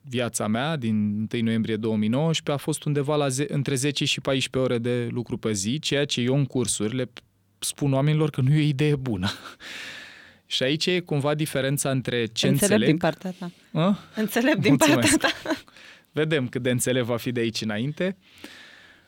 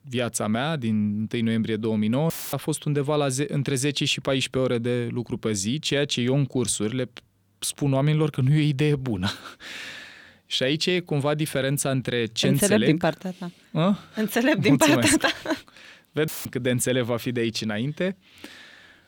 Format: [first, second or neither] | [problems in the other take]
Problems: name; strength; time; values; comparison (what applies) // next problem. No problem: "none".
first | audio cutting out; filled with static; at 2.5 s and at 16 s